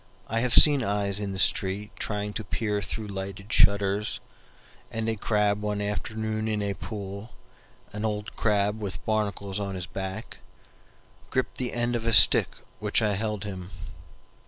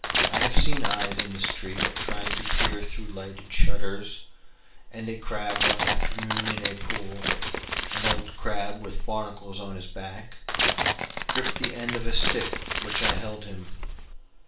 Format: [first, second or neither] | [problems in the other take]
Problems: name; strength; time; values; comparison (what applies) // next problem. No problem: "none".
first | background sound (Tearing); 4 dB below the speech // room echo; dies away in 0.4 s